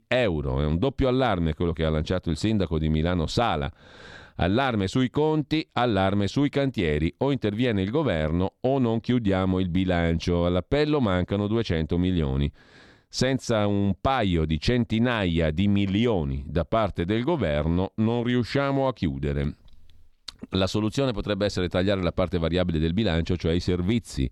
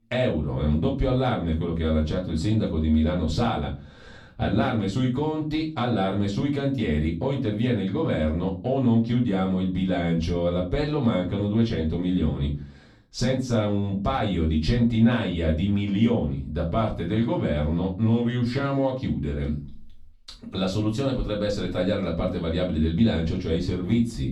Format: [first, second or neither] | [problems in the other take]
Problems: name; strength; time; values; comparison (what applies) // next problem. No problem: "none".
first | off-mic speech; far // room echo; slight; dies away in 0.3 s